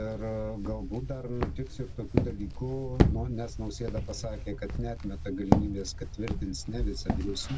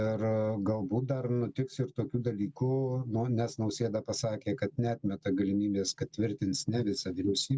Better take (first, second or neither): second